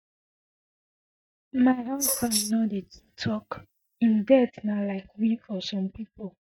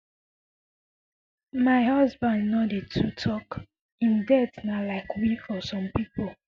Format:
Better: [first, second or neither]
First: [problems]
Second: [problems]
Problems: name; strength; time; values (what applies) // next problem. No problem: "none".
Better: second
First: noise reduction (neural mask model DeepFilterNet 3)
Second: none